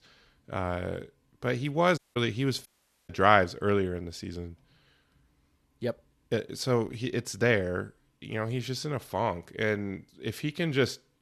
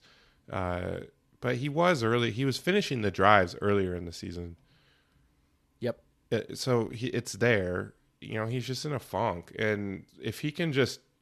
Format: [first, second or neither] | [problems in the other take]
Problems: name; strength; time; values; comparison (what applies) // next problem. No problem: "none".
second | audio cutting out; at 2 s and at 2.5 s